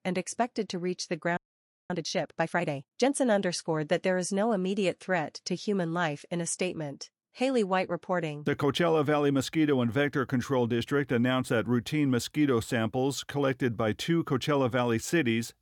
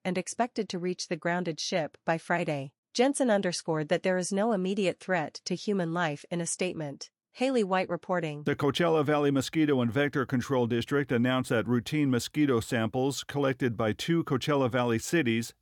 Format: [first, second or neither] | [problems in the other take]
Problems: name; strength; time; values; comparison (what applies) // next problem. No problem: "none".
second | audio freezing; at 1.5 s for 0.5 s